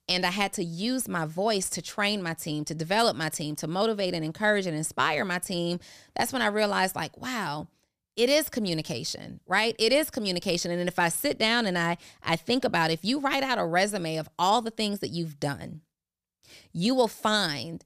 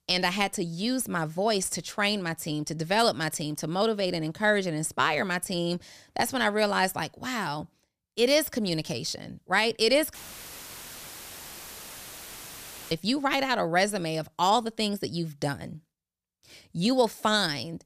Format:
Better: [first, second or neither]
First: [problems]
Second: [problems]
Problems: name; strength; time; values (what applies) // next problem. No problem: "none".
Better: first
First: none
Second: audio cutting out; filled with static; at 10 s for 3 s